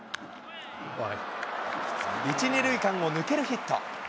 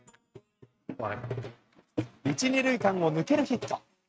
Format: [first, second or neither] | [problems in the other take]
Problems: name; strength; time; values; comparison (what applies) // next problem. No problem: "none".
first | noise reduction (neural mask model RNNoise)